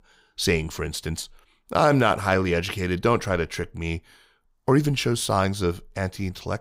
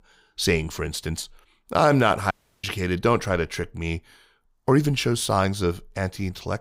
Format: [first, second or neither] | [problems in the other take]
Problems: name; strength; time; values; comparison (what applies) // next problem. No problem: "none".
first | audio cutting out; at 2.5 s